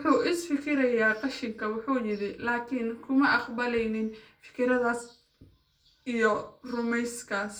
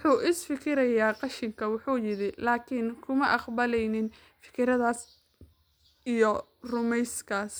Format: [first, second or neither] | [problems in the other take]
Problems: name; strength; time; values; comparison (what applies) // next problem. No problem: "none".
second | room echo; dies away in 0.3 s